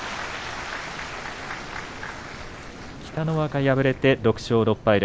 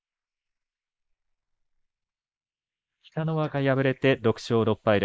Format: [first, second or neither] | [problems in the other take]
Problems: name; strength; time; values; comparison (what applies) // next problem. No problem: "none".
first | noise reduction (neural mask model Resemble Enhance denoiser)